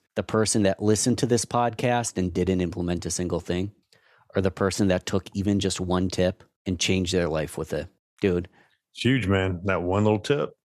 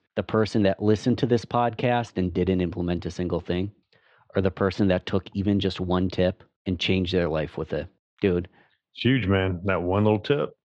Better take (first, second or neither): first